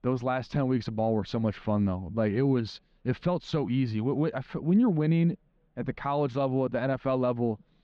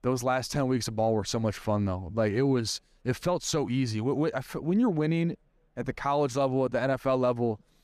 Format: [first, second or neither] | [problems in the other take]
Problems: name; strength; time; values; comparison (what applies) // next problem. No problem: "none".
second | muffled; slightly; fading above 3.5 kHz